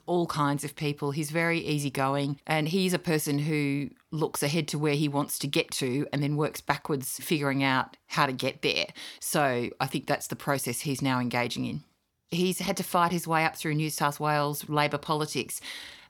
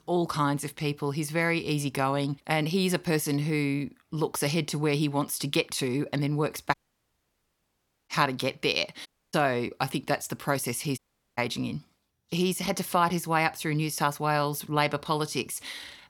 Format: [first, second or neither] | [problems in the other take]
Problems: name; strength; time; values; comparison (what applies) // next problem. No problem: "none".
first | audio cutting out; at 6.5 s for 1.5 s, at 9 s and at 11 s